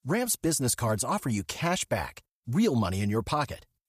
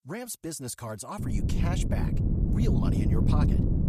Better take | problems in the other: first | wind noise on the microphone; heavy; from 1 s on; 1 dB above the speech

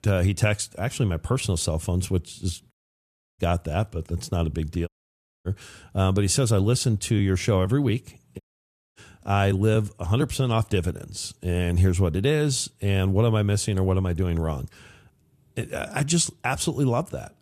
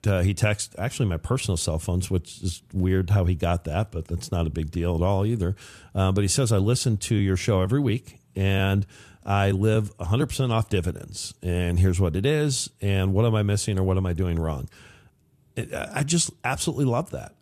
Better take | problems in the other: second | audio cutting out; at 2.5 s for 0.5 s, at 5 s for 0.5 s and at 8.5 s for 0.5 s

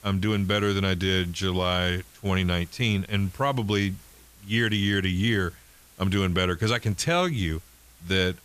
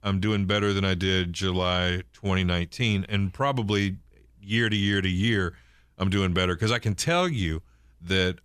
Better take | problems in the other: second | hiss; faint; throughout; 25 dB below the speech

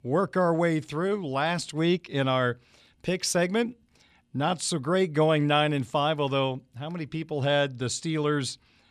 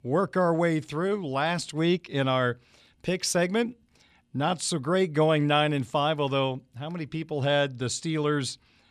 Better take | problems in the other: neither | none

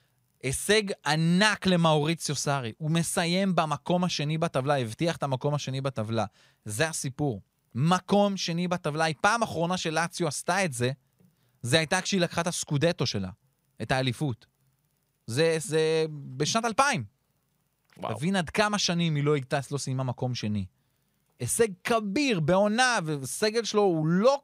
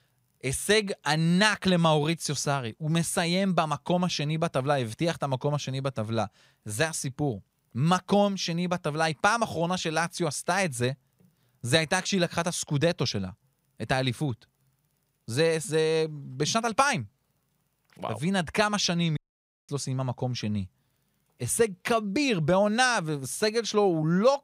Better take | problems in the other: first | audio cutting out; at 19 s for 0.5 s

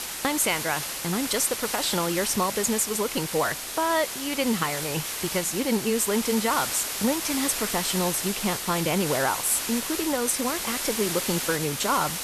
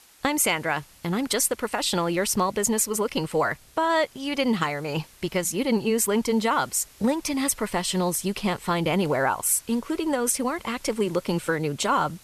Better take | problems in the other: second | hiss; loud; throughout; 3 dB below the speech; faint in the second

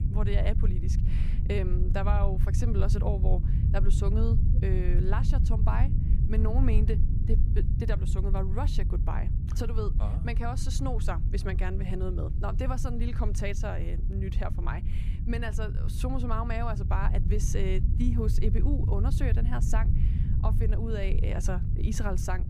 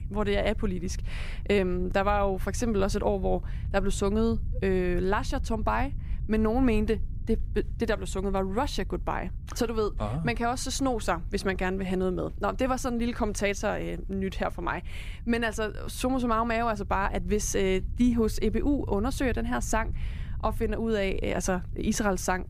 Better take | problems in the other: second | low rumble; loud; throughout; 7 dB below the speech; faint in the second

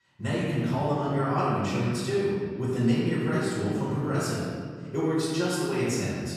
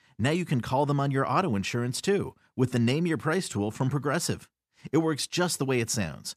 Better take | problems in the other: second | room echo; strong; dies away in 1.9 s // off-mic speech; far

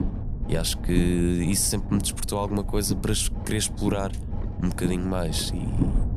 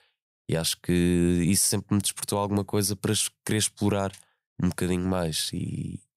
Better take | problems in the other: second | low rumble; noticeable; throughout; 10 dB below the speech

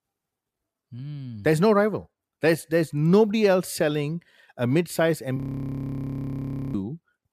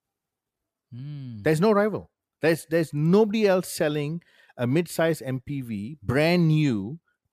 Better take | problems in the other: second | audio freezing; at 5.5 s for 1.5 s

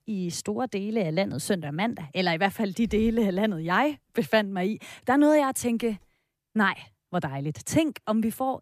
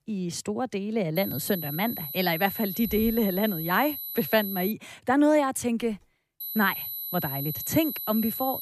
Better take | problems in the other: first | high-pitched whine; loud; from 1 to 4.5 s and from 6.5 s on; 12 kHz, 6 dB below the speech

